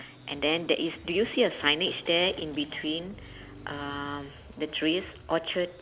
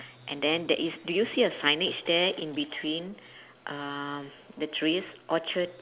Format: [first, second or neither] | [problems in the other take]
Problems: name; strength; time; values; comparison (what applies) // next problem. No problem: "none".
second | background sound (Drum kit + Car passing by); 20 dB below the speech